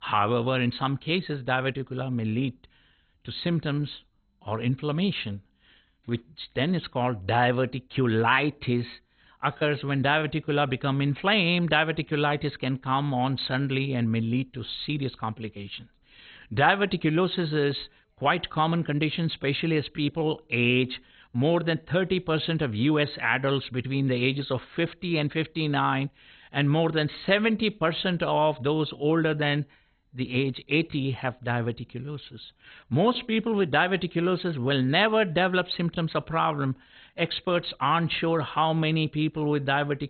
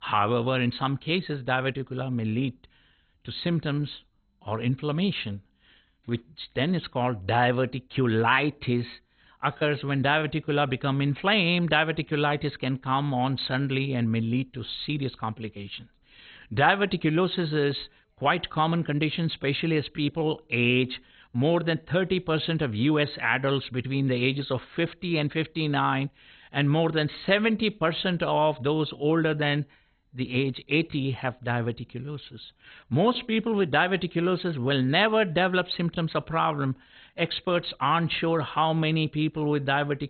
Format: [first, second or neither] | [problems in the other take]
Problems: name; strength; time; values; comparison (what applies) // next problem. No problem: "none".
neither | garbled, watery; badly; nothing above 4 kHz; the same in both